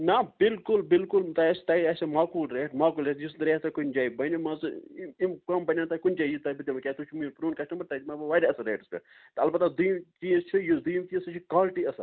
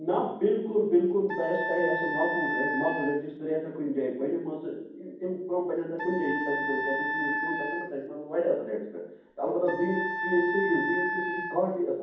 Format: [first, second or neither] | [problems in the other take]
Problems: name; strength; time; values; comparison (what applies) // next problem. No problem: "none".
first | background sound (Wind instrument, woodwind instrument); 3 dB below the speech // room echo; dies away in 1.2 s